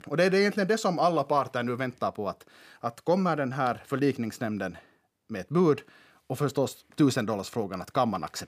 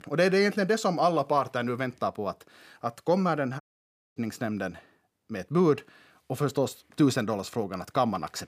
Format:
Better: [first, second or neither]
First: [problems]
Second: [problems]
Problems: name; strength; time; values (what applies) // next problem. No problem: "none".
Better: first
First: none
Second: audio cutting out; at 3.5 s for 0.5 s